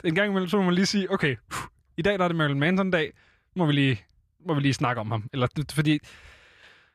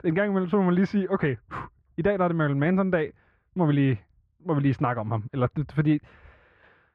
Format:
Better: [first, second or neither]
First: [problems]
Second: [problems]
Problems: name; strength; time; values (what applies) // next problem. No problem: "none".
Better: first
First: none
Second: muffled; very; fading above 3.5 kHz